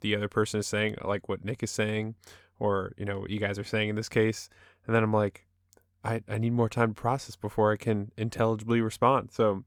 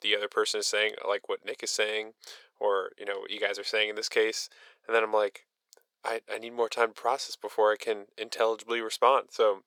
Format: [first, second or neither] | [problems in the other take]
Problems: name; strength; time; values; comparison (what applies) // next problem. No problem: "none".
first | thin; very; fading below 450 Hz